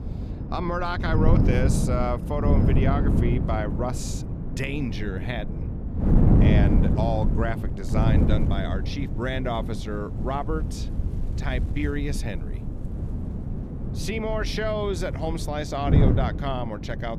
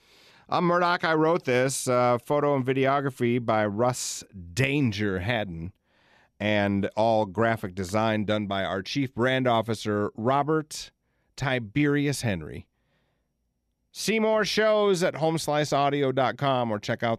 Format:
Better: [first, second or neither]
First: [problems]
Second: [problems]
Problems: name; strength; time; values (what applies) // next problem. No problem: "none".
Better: second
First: wind noise on the microphone; heavy; 5 dB below the speech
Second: none